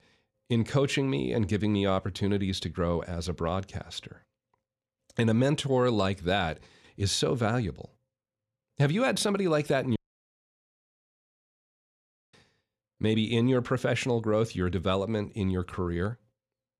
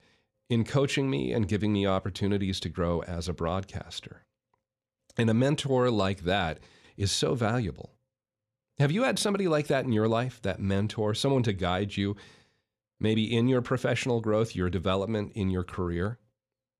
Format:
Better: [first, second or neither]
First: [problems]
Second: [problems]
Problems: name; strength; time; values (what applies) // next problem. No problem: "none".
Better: second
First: audio cutting out; at 10 s for 2.5 s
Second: none